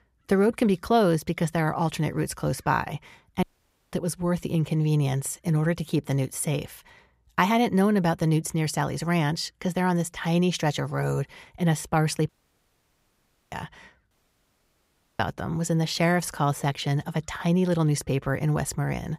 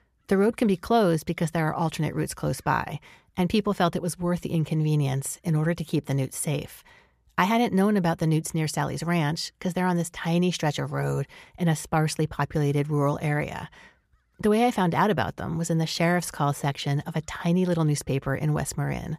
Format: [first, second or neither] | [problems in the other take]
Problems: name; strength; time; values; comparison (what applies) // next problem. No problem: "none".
second | audio cutting out; at 3.5 s, at 12 s for 1 s and at 14 s for 1 s